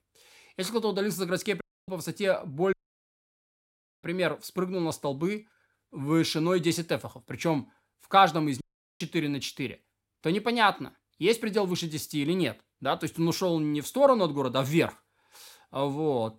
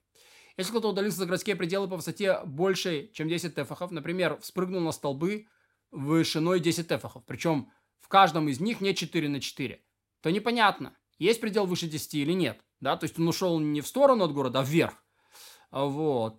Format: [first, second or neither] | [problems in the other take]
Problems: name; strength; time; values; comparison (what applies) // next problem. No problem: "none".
second | audio cutting out; at 1.5 s, at 2.5 s for 1.5 s and at 8.5 s